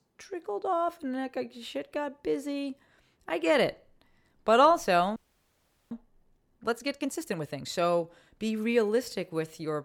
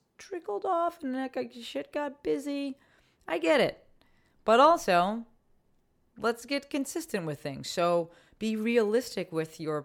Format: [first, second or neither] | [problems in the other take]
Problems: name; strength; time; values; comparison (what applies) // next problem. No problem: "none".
second | audio freezing; at 5 s for 1 s